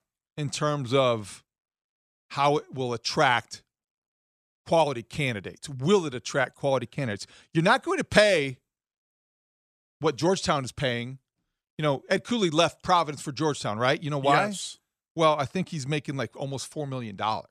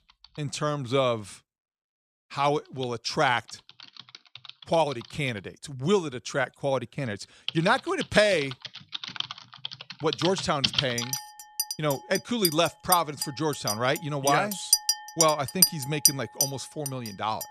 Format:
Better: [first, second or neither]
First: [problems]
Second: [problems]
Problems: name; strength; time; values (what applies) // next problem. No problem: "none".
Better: first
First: none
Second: household noises; loud; throughout; 1 dB below the speech